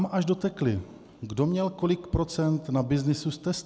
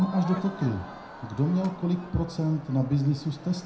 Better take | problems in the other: first | background sound (Crowd); 15 dB below the speech // room echo; dies away in 0.5 s

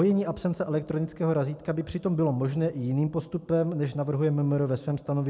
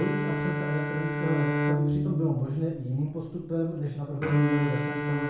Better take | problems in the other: first | background sound (Bowed string instrument); 1 dB above the speech // room echo; dies away in 0.6 s

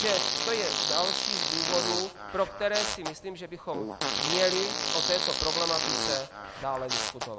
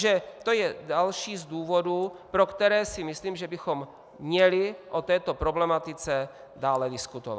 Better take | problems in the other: second | background sound (Fart); 2 dB above the speech

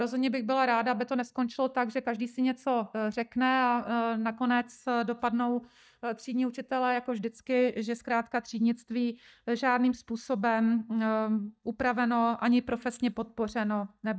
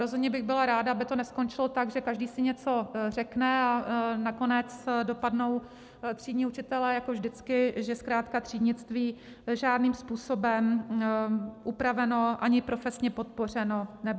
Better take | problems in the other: second | noise reduction (neural mask model DeepFilterNet 3)

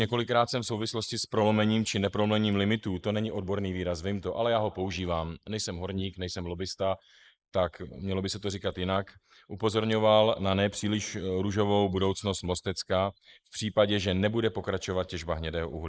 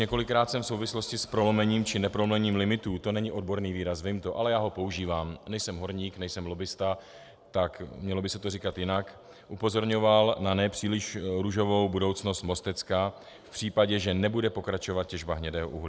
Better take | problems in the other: second | noise reduction (neural mask model Resemble Enhance denoiser)

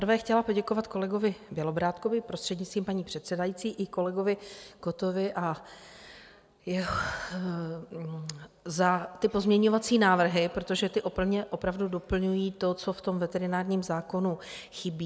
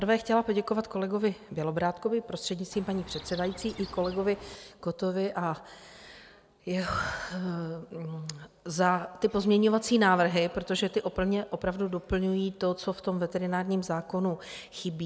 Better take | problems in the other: first | background sound (Chirp, tweet); 16 dB below the speech

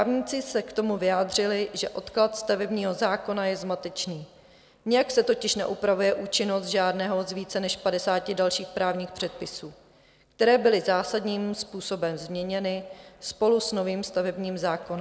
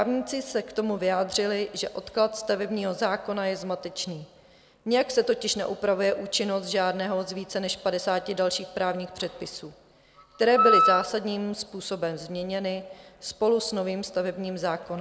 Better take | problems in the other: first | background sound (Wind instrument, woodwind instrument); 3 dB above the speech

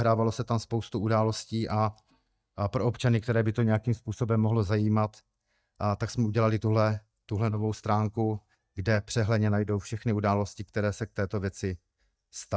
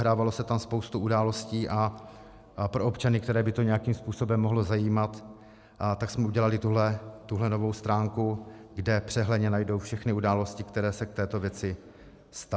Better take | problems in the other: second | noise reduction (neural mask model DeepFilterNet 3)

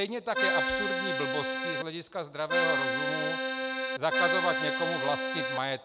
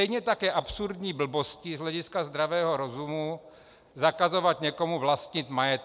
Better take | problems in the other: second | background sound (Accordion); 4 dB above the speech

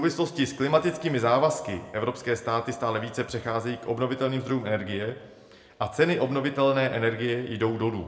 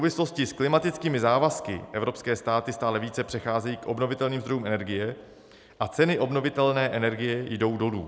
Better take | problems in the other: second | room echo; dies away in 0.8 s

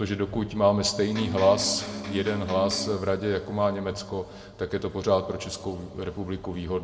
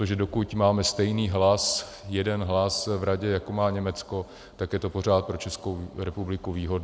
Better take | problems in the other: second | background sound (Electric guitar); 8 dB below the speech // room echo; dies away in 1.6 s

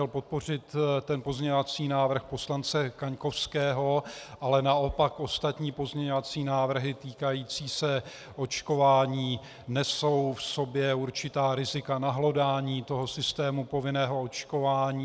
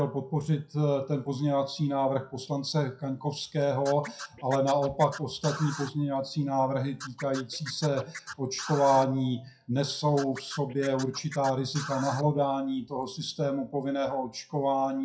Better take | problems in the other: first | noise reduction (classical method WPE with log-MMSE)

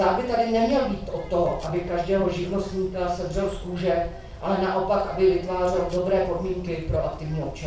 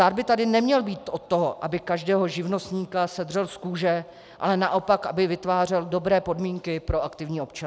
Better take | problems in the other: second | background sound (Bird); 13 dB below the speech // room echo; dies away in 0.4 s

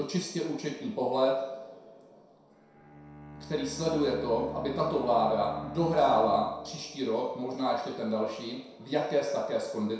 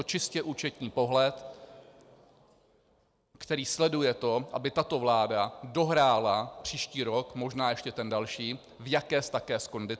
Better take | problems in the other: second | background sound (Bowed string instrument); 16 dB below the speech // room echo; dies away in 0.7 s

